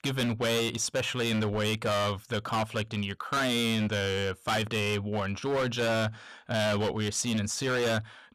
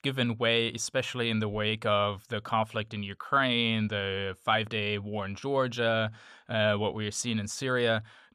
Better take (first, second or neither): second